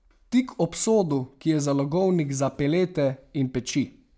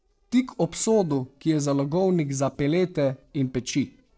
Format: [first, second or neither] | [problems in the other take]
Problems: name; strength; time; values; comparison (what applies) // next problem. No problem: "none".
first | noise reduction (neural separator model SepFormer DNS4)